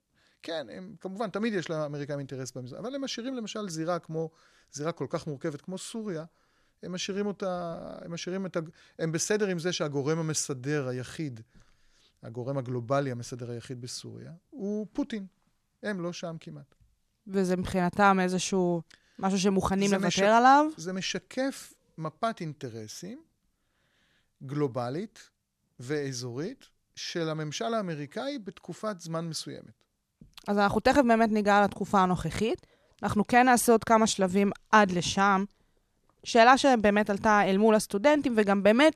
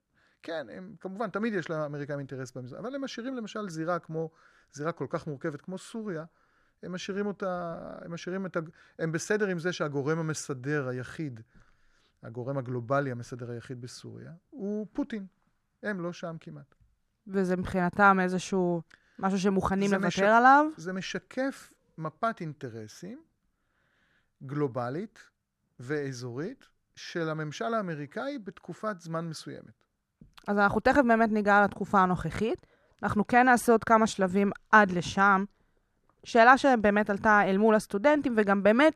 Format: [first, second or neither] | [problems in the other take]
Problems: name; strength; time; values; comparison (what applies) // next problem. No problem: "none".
first | muffled; very slightly; fading above 2.5 kHz